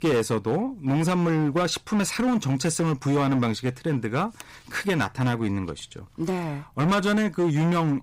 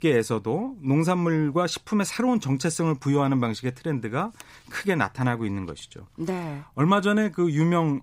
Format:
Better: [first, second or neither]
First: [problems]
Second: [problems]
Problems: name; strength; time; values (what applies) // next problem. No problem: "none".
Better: second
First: distortion; slight; 14% of the sound clipped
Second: none